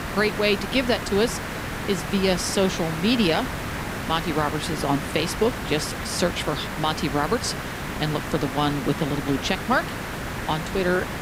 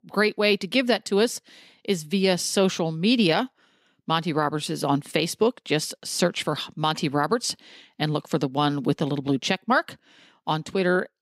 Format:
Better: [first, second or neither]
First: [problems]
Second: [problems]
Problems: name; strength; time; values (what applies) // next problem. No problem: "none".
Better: second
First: hiss; loud; throughout; 6 dB below the speech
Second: none